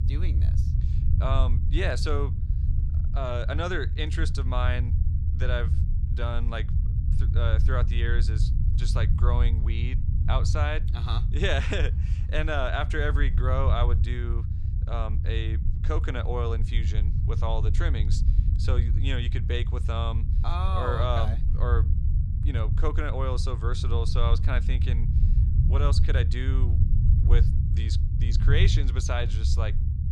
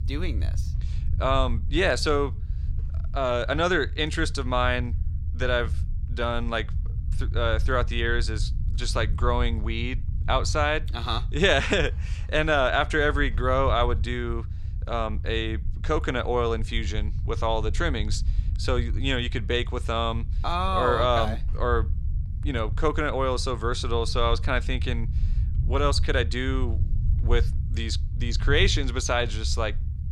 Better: second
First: low rumble; loud; throughout; 9 dB below the speech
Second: low rumble; faint; throughout; 20 dB below the speech

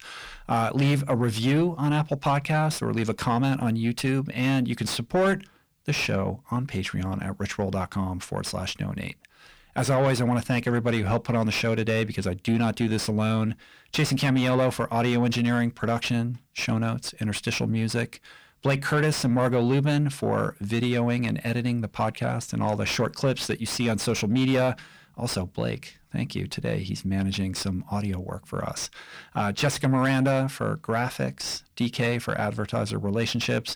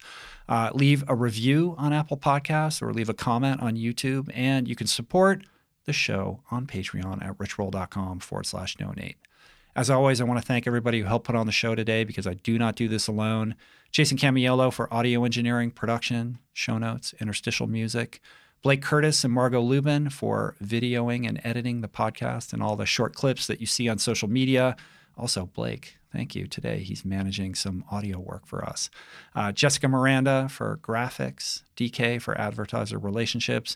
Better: second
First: distortion; slight; 10 dB below the speech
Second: none

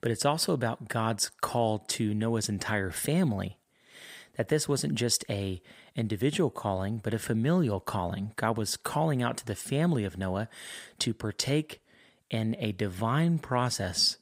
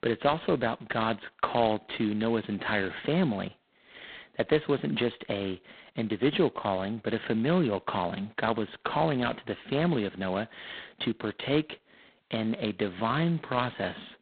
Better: first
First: none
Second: phone-call audio; poor line; nothing above 4 kHz

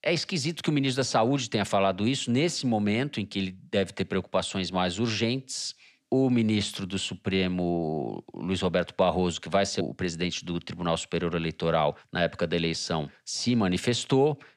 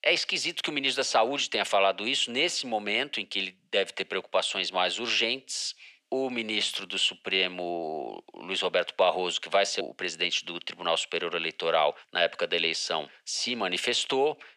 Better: first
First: none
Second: thin; somewhat; fading below 550 Hz

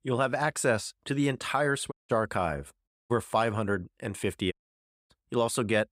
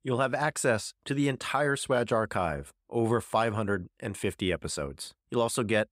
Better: second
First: audio cutting out; at 2 s, at 3 s and at 4.5 s for 0.5 s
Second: none

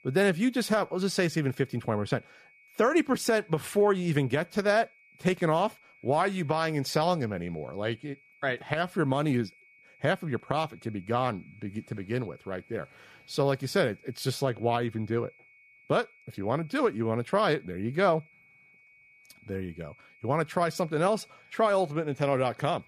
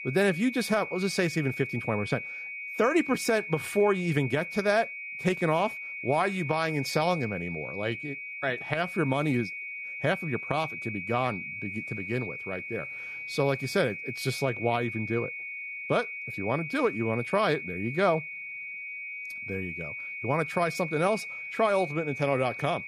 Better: first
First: high-pitched whine; faint; throughout; 2 kHz, 30 dB below the speech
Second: high-pitched whine; loud; throughout; 2 kHz, 7 dB below the speech

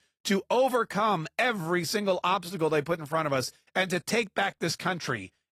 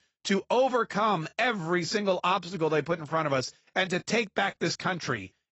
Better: first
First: garbled, watery; slightly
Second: garbled, watery; badly; nothing above 8 kHz

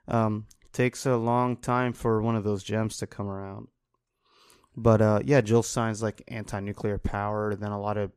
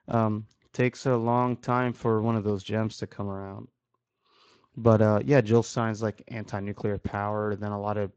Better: first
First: none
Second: garbled, watery; slightly; nothing above 7.5 kHz

